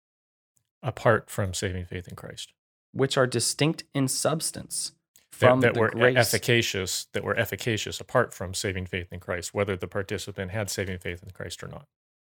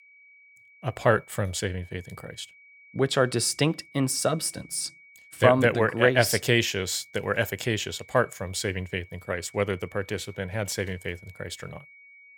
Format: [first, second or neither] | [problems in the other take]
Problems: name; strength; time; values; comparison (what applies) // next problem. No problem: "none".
first | high-pitched whine; faint; throughout; 2 kHz, 25 dB below the speech